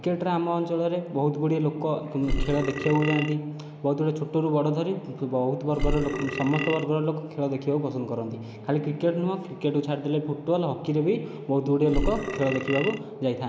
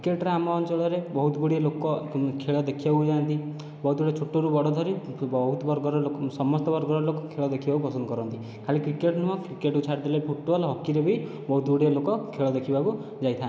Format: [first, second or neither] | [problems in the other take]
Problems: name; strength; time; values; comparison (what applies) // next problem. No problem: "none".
second | background sound (Burping, eructation); 4 dB below the speech